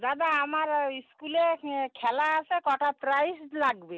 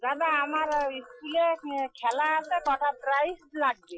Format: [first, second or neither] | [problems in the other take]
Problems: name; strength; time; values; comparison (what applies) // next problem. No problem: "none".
first | noise reduction (classical method Wiener filter)